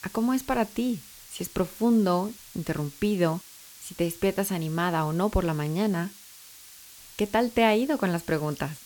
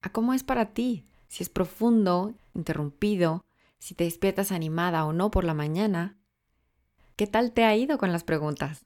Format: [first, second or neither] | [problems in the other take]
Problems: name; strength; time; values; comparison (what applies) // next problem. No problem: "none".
second | hiss; noticeable; throughout; 20 dB below the speech